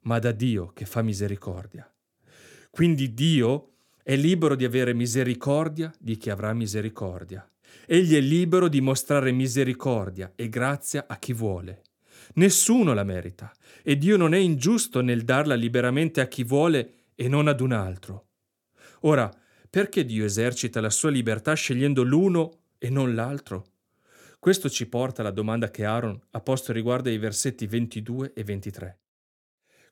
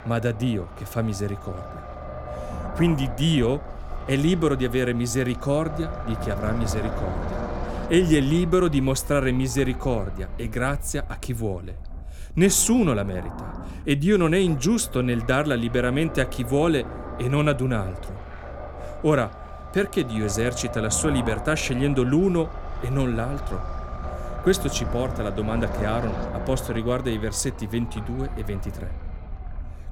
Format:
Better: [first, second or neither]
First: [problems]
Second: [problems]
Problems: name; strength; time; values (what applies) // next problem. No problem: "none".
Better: first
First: none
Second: low rumble; noticeable; throughout; 10 dB below the speech